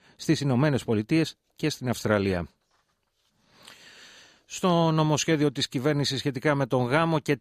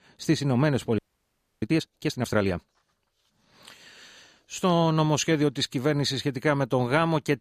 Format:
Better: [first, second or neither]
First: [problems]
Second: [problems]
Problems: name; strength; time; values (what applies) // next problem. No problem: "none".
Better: first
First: none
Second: audio freezing; at 1 s for 0.5 s